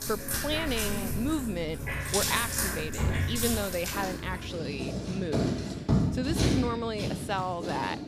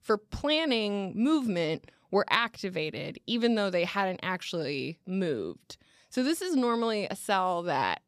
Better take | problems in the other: second | household noises; very loud; throughout; 2 dB above the speech

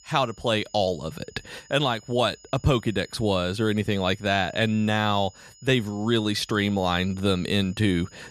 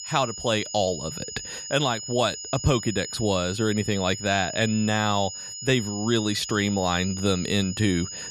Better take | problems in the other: first | high-pitched whine; loud; throughout; 7 kHz, 9 dB below the speech; faint in the first

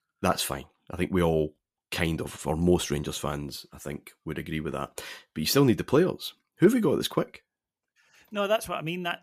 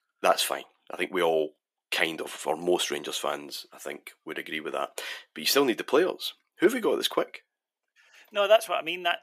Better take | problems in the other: first | thin; somewhat; fading below 350 Hz

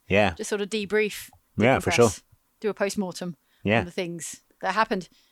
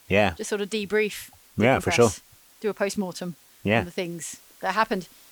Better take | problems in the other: first | hiss; faint; throughout; 25 dB below the speech

